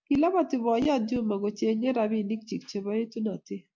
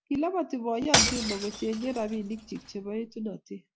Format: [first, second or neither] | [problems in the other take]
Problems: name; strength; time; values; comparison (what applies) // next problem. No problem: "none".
first | background sound (Shatter / Crushing); 1 dB above the speech